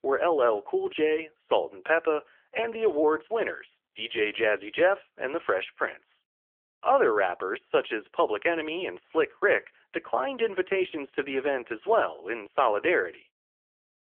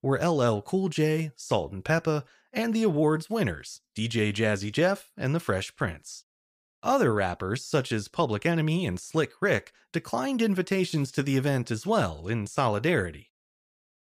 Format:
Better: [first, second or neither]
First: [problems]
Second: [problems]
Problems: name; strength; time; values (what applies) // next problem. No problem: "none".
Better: second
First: phone-call audio; nothing above 3.5 kHz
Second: none